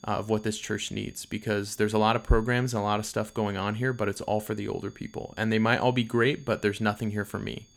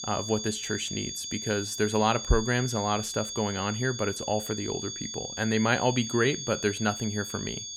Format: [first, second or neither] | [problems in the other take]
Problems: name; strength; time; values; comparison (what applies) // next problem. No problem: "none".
first | high-pitched whine; loud; throughout; 6.5 kHz, 6 dB below the speech; faint in the first